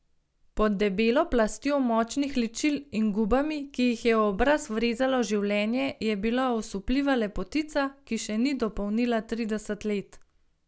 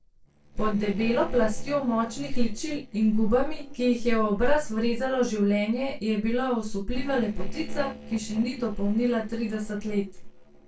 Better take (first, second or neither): first